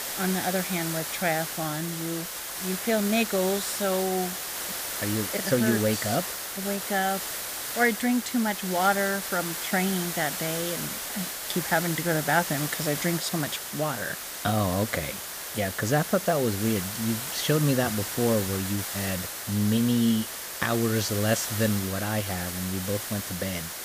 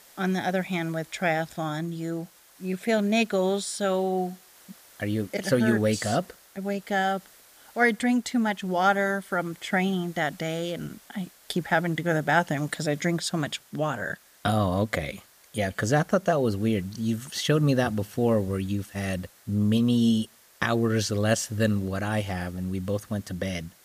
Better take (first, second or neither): second